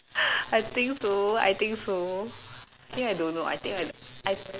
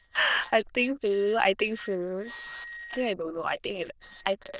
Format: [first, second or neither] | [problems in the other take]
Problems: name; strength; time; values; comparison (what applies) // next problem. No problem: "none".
first | noise reduction (neural diffusion model UNIVERSE++)